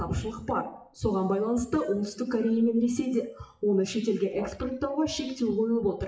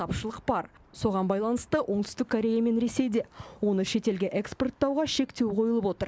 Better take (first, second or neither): second